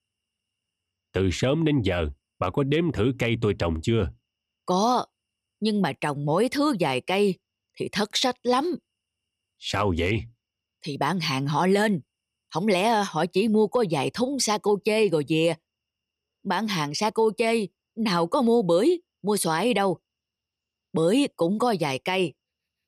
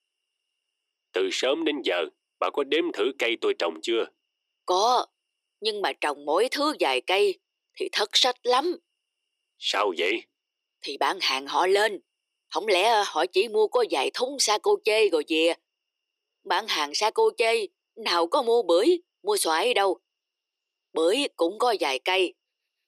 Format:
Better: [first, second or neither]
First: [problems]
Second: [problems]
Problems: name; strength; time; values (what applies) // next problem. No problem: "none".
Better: first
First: none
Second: thin; very; fading below 350 Hz